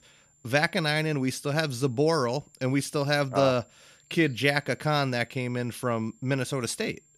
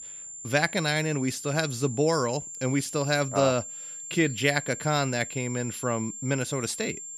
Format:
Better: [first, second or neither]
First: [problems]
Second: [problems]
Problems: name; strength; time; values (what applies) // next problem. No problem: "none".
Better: first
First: high-pitched whine; faint; throughout; 7.5 kHz, 35 dB below the speech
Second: high-pitched whine; loud; throughout; 7.5 kHz, 10 dB below the speech